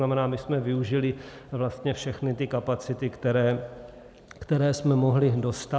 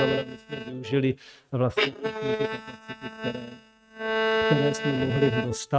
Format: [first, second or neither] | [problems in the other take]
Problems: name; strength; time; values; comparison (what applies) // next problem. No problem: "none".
first | noise reduction (neural mask model RNNoise)